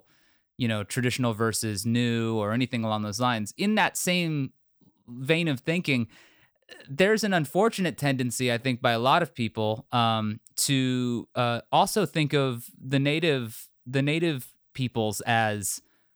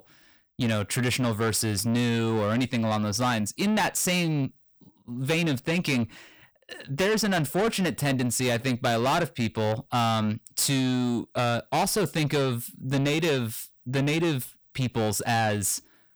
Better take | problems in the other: first | distortion; heavy; 8 dB below the speech

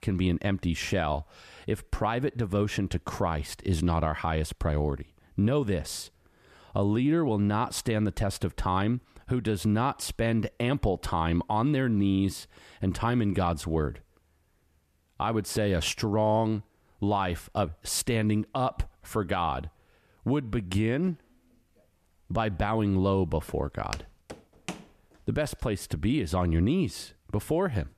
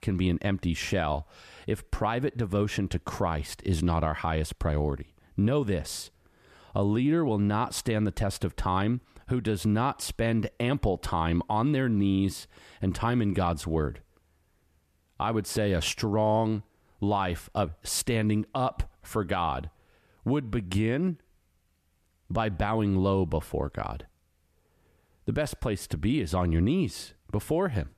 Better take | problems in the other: second | footsteps; faint; from 23 to 25 s; peak 10 dB below the speech

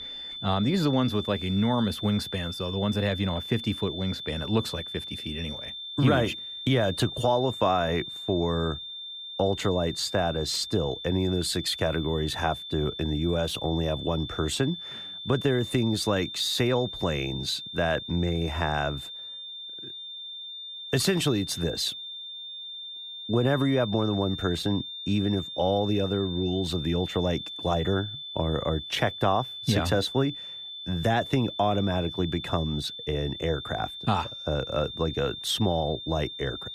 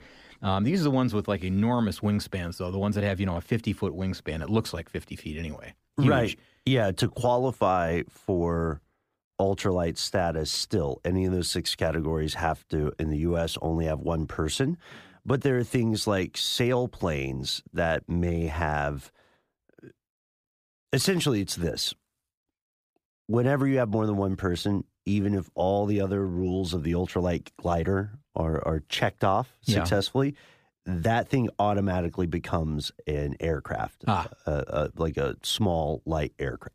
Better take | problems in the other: second | high-pitched whine; loud; throughout; 3.5 kHz, 8 dB below the speech

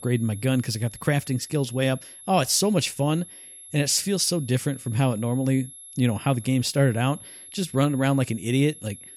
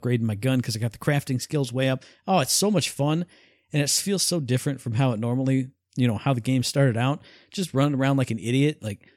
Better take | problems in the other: second | high-pitched whine; noticeable; throughout; 11 kHz, 15 dB below the speech

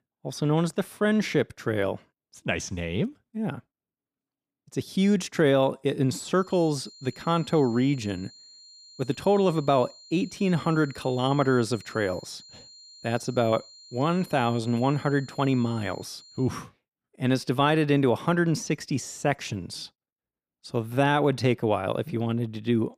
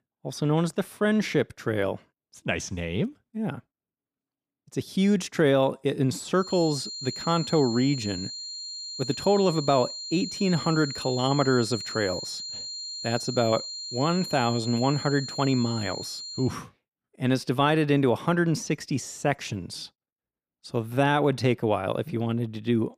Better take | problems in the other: first | high-pitched whine; loud; from 6.5 to 16 s; 4 kHz, 8 dB below the speech; faint in the first

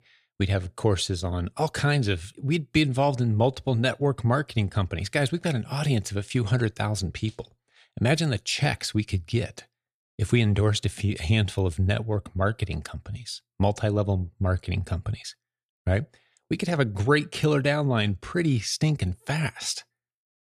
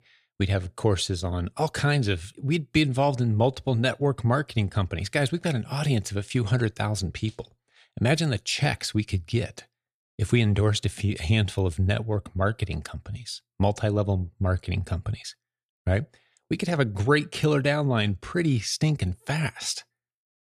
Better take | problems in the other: neither | none

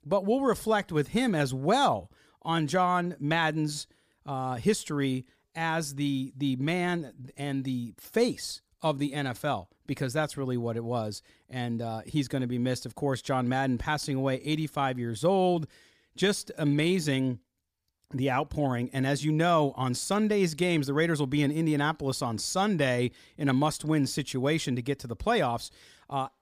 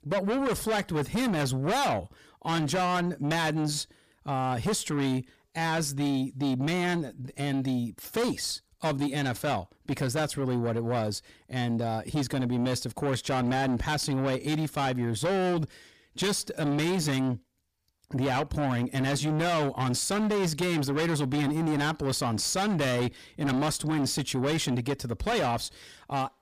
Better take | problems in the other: first | distortion; heavy; 7 dB below the speech

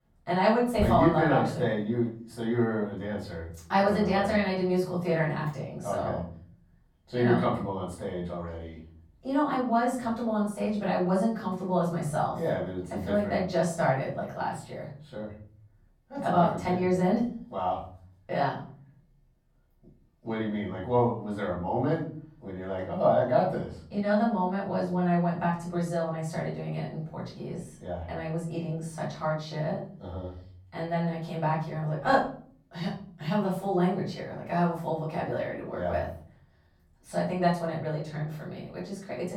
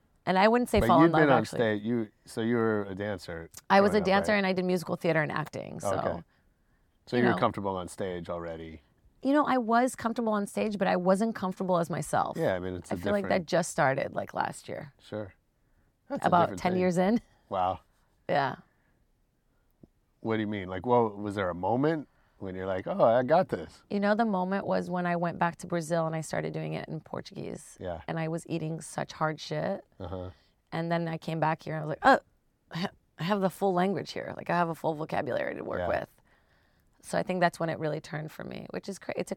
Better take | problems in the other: second | off-mic speech; far // room echo; noticeable; dies away in 0.6 s

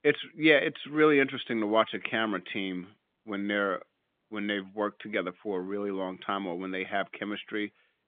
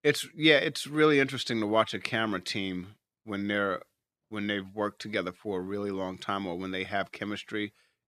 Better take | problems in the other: second | phone-call audio

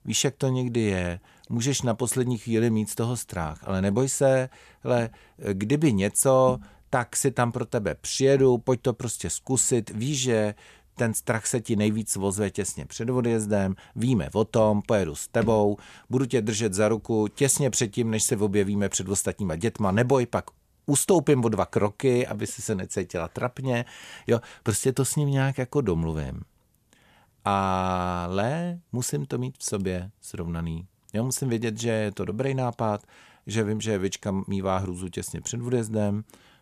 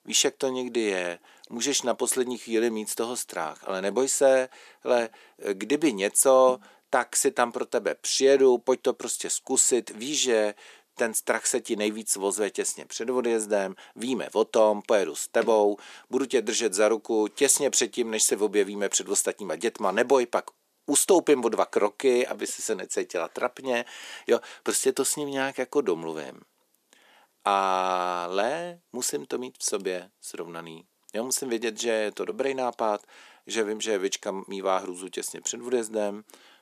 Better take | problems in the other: first | thin; somewhat; fading below 300 Hz

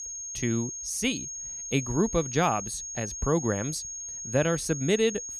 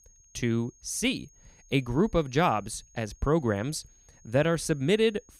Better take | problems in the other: second | high-pitched whine; loud; throughout; 6.5 kHz, 6 dB below the speech; faint in the second

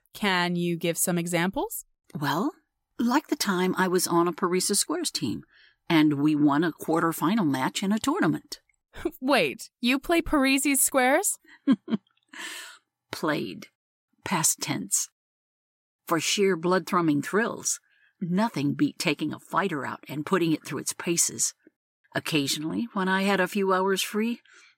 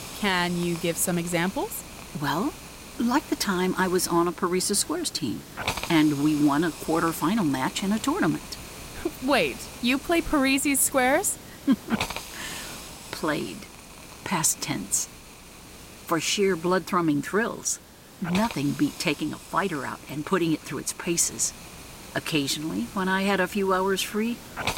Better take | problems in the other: first | hiss; noticeable; throughout; 15 dB below the speech

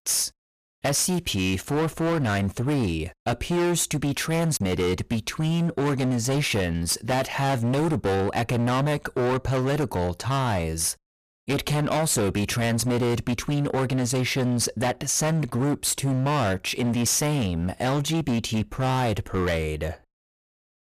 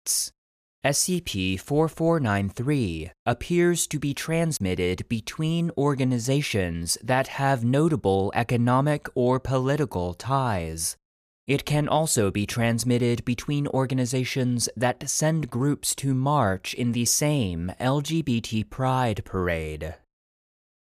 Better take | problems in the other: second | distortion; heavy; 23% of the sound clipped

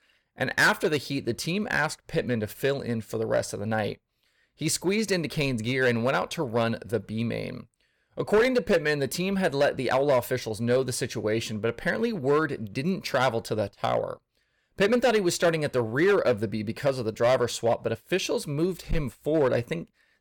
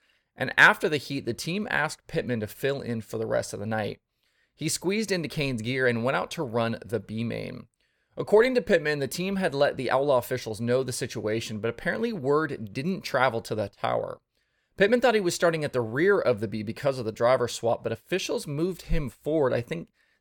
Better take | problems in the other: second | distortion; slight; 3% of the sound clipped

